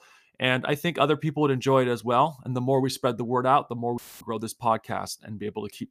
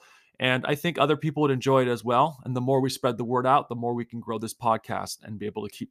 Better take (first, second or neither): second